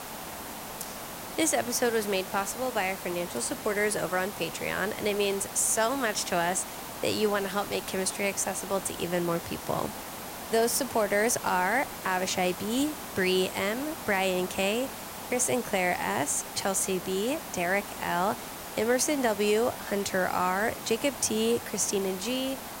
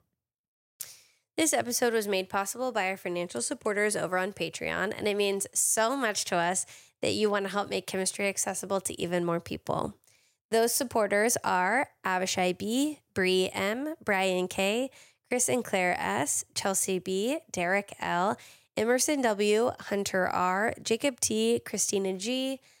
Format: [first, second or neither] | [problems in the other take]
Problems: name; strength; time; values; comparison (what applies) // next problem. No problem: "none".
second | hiss; loud; throughout; 10 dB below the speech